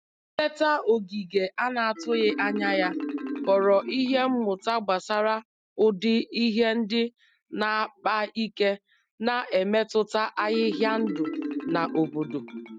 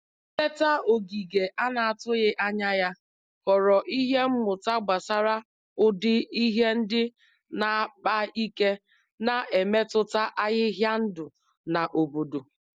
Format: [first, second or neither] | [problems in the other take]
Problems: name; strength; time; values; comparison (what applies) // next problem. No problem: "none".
second | noise reduction (neural mask model RNNoise)